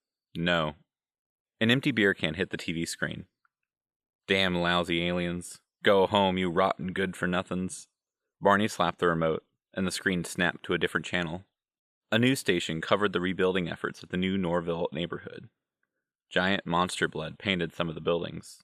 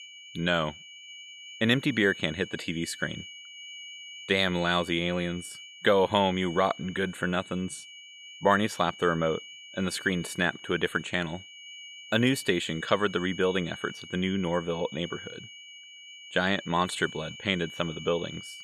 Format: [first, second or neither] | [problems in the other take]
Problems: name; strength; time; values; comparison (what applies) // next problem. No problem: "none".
first | high-pitched whine; noticeable; throughout; 3 kHz, 15 dB below the speech